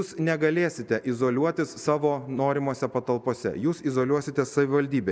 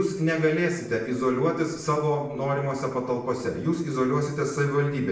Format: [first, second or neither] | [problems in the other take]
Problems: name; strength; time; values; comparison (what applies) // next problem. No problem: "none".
first | room echo; dies away in 0.7 s